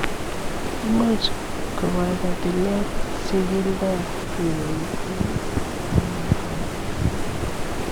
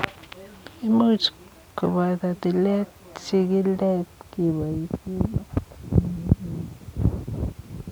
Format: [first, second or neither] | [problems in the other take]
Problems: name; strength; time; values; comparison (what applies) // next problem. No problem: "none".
second | background sound (Stream); as loud as the speech